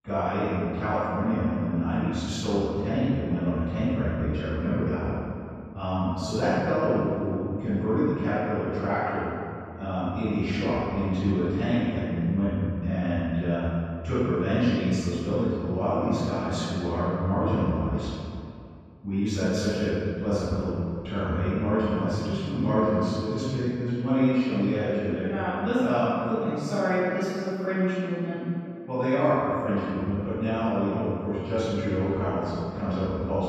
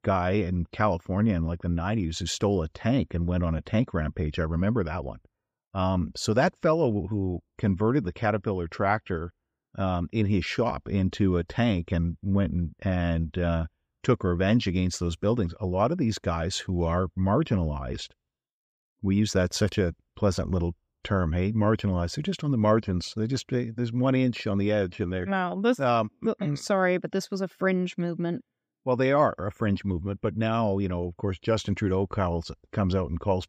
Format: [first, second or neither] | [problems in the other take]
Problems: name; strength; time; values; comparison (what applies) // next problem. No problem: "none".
second | room echo; strong; dies away in 2.3 s // off-mic speech; far